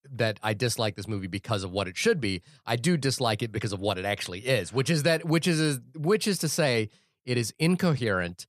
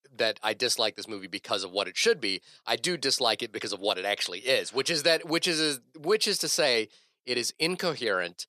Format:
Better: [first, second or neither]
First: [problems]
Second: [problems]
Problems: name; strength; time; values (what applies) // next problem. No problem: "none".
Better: first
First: none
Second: thin; somewhat; fading below 400 Hz